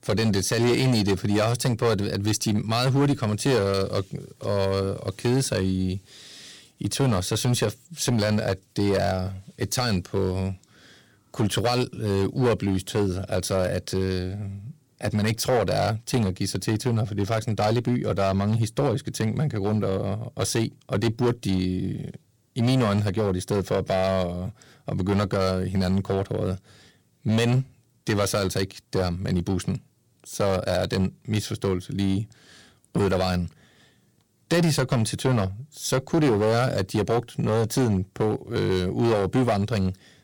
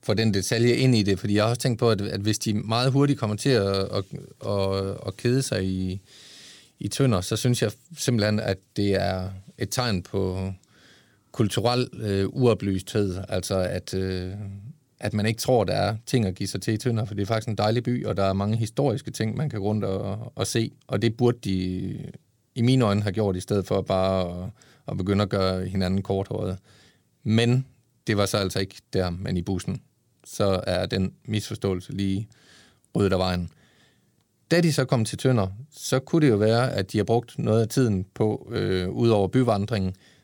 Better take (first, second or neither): second